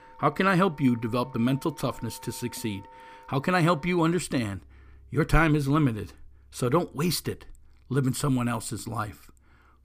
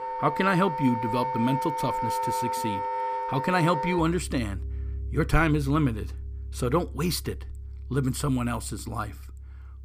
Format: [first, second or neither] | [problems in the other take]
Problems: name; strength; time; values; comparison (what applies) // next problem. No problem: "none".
first | background music; loud; throughout; 5 dB below the speech; faint in the first